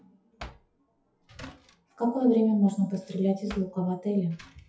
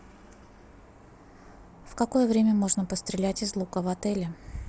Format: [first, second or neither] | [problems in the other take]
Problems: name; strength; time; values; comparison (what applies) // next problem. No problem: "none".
second | noise reduction (classical method WPE with log-MMSE)